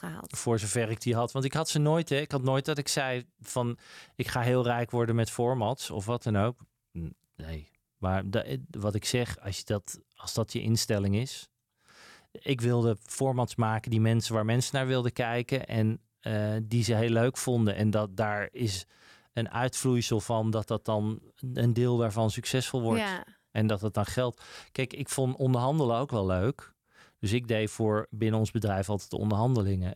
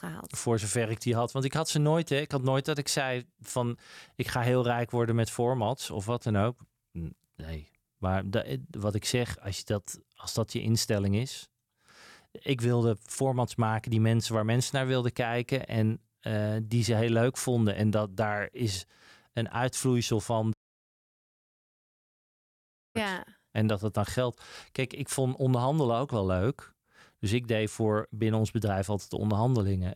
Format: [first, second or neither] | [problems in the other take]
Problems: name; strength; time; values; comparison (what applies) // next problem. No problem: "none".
first | audio cutting out; at 21 s for 2.5 s